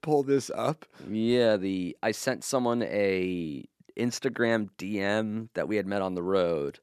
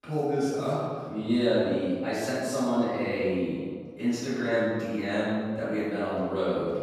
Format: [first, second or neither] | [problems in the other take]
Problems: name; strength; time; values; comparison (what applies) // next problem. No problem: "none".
first | off-mic speech; far // room echo; strong; dies away in 1.5 s